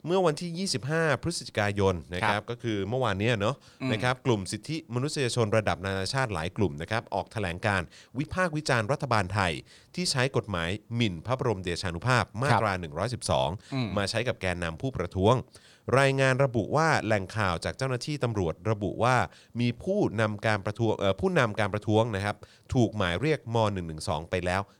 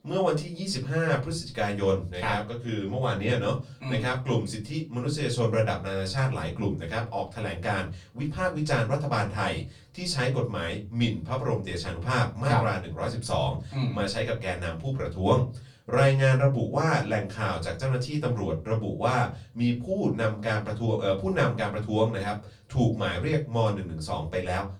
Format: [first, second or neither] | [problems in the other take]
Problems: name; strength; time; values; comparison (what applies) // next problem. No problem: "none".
first | off-mic speech; far // room echo; very slight; dies away in 0.3 s